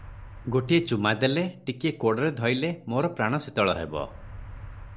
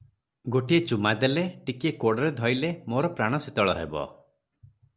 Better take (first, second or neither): second